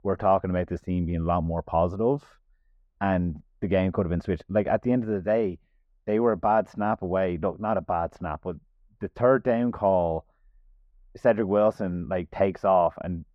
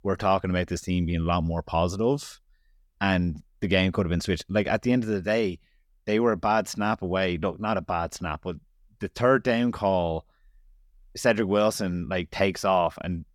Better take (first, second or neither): second